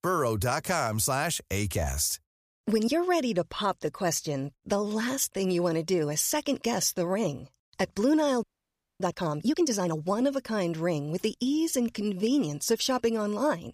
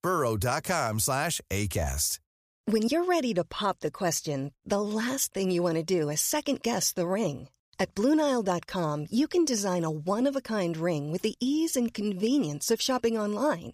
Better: second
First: audio freezing; at 8.5 s for 0.5 s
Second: none

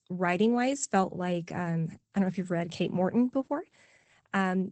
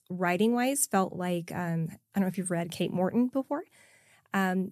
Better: second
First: garbled, watery; badly; nothing above 8 kHz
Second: none

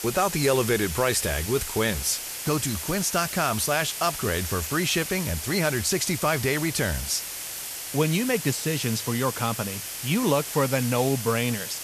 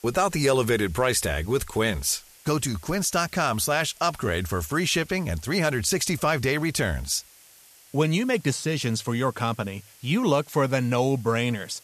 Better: second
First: hiss; loud; throughout; 6 dB below the speech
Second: hiss; faint; throughout; 25 dB below the speech

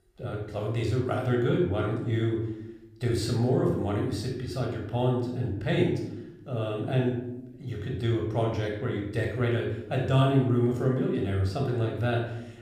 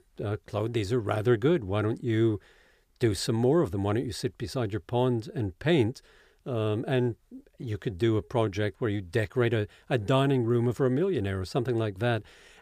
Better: second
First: off-mic speech; somewhat distant // room echo; noticeable; dies away in 0.7 s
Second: none

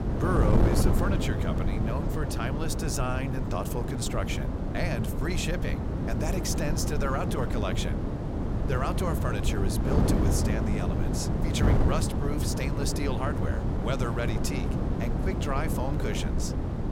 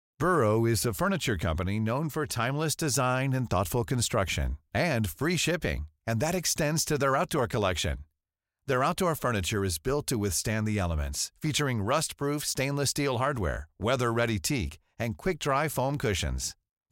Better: second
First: wind noise on the microphone; heavy; 2 dB below the speech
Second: none

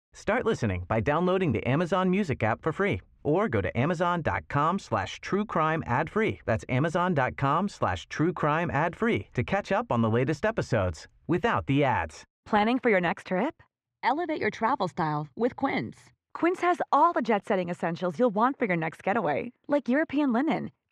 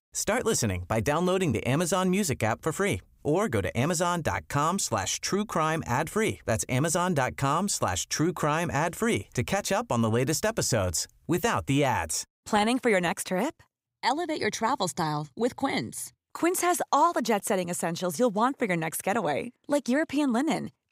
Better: second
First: muffled; very; fading above 2 kHz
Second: none

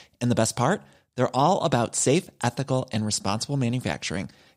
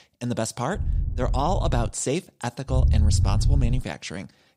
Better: first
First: none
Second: low rumble; noticeable; from 1 to 2 s and from 2.5 to 4 s; 10 dB below the speech

